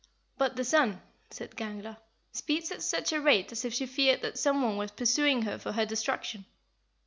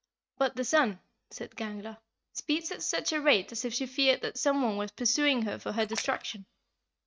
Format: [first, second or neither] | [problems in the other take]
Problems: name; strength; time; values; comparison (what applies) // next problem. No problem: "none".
first | noise reduction (neural mask model RNNoise)